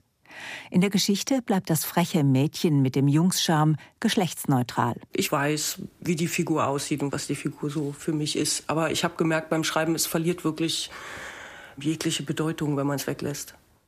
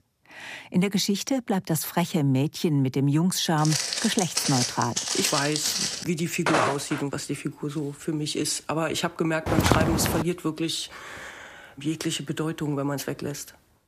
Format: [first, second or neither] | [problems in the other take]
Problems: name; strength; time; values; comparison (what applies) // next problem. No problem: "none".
first | footsteps; loud; from 3.5 to 6 s, at 6.5 s and at 9.5 s; peak 4 dB above the speech